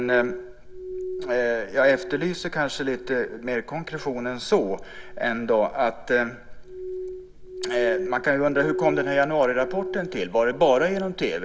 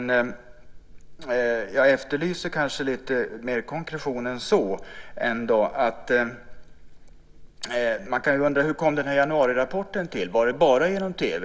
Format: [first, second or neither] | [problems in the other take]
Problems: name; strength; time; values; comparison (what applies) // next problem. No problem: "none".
second | background sound (Glass); 10 dB below the speech